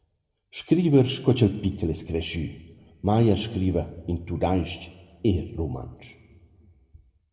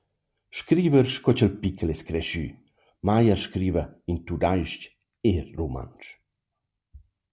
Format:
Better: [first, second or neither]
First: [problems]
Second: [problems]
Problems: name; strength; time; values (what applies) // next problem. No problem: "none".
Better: second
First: room echo; dies away in 1 s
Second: none